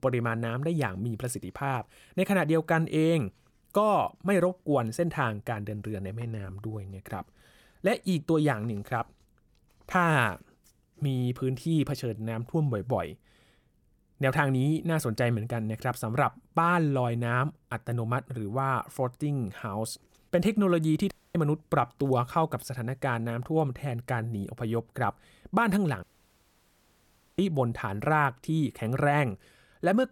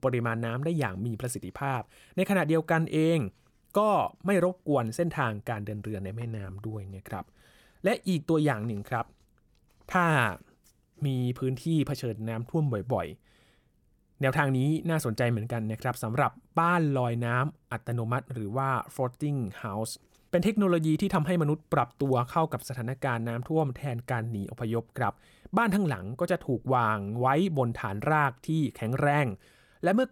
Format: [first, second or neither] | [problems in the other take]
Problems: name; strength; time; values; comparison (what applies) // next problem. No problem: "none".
second | audio cutting out; at 21 s and at 26 s for 1.5 s